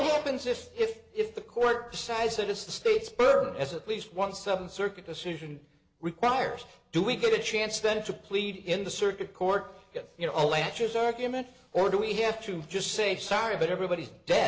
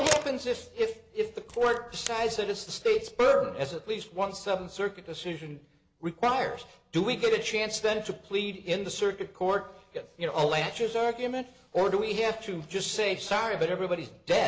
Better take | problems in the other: first | background sound (Camera); 10 dB below the speech

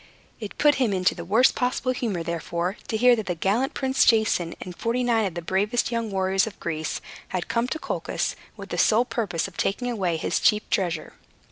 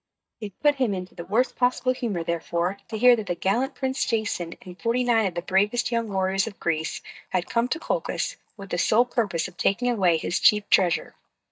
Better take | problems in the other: first | noise reduction (neural mask model DeepFilterNet 3)

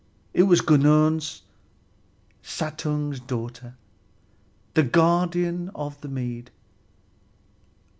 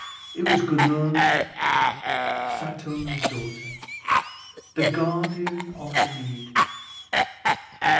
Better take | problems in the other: first | background sound (Cough); 4 dB above the speech // room echo; dies away in 0.6 s

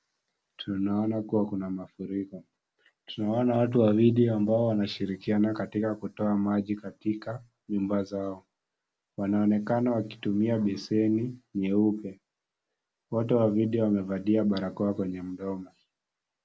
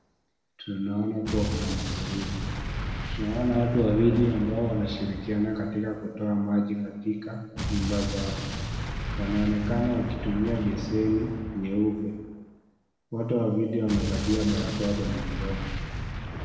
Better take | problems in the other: first | background sound (Explosion); 5 dB below the speech // room echo; dies away in 1.2 s

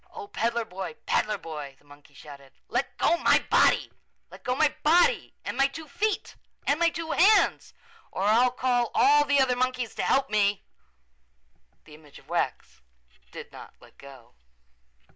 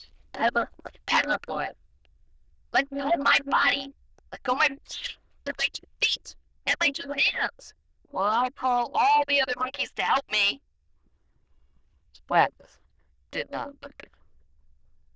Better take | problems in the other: first | noise reduction (neural diffusion model UNIVERSE++)

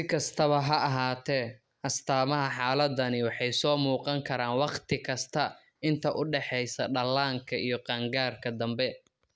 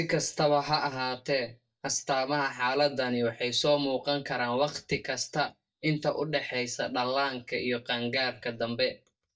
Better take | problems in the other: first | noise reduction (neural mask model DeepFilterNet 3)

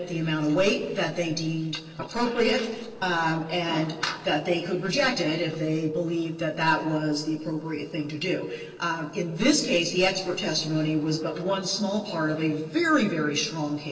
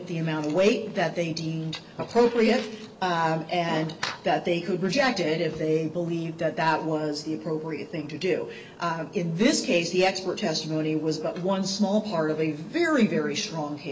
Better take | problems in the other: second | noise reduction (neural separator model SepFormer DNS4)

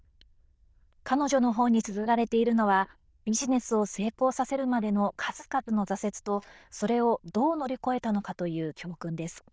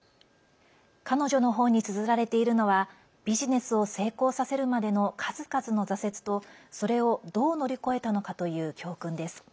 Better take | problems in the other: second | noise reduction (neural diffusion model UNIVERSE++)

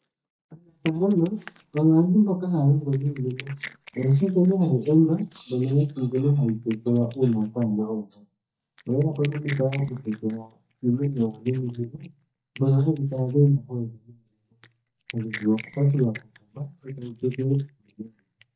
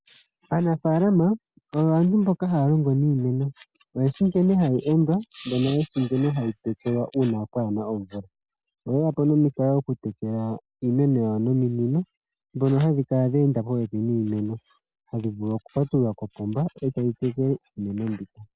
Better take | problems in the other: second | noise reduction (neural mask model DeepFilterNet 3)

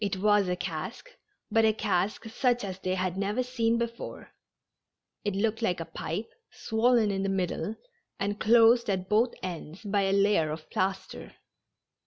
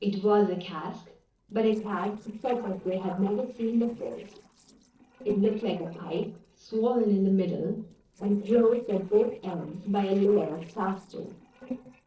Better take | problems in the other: first | noise reduction (neural separator model SepFormer DNS4)

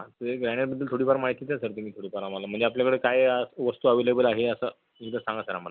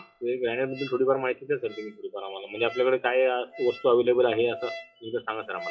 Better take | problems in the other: first | noise reduction (classical method WPE with log-MMSE)

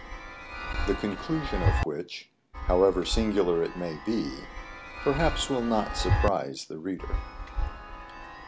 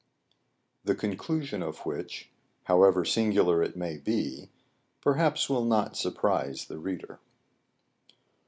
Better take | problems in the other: second | background sound (Chime); 2 dB below the speech

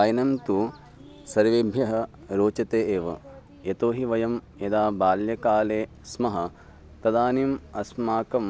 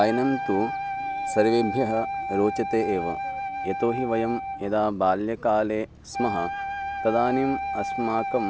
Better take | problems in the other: first | background sound (Wind instrument, woodwind instrument); 5 dB below the speech

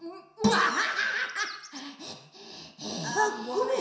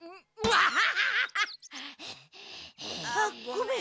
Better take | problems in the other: second | room echo; dies away in 0.7 s

